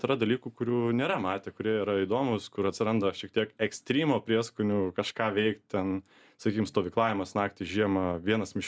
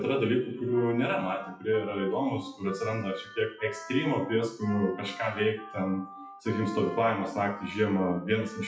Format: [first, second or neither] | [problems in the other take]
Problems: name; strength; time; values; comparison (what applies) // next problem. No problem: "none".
first | noise reduction (classical method WPE with log-MMSE)